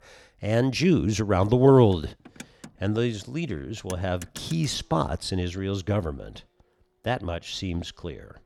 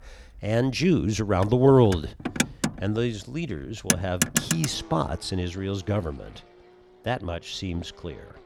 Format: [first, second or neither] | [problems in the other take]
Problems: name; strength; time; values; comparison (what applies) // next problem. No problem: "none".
first | traffic noise; loud; throughout; 2 dB below the speech; faint in the first